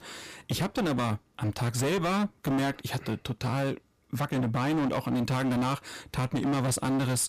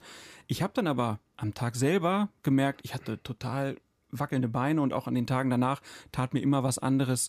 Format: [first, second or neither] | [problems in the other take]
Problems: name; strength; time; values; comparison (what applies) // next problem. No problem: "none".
second | distortion; heavy; 24% of the sound clipped